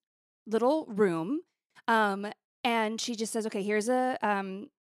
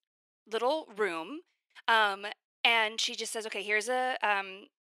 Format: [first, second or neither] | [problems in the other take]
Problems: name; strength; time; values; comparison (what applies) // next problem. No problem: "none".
first | thin; somewhat; fading below 500 Hz